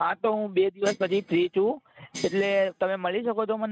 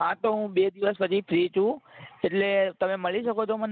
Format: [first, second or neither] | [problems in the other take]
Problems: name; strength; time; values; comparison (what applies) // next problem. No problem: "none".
second | noise reduction (neural mask model RNNoise)